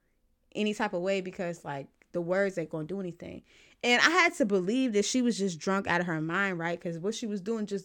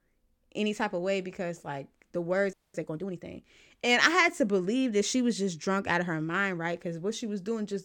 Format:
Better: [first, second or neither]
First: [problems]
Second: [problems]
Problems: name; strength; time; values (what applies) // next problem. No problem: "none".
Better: first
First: none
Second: audio freezing; at 2.5 s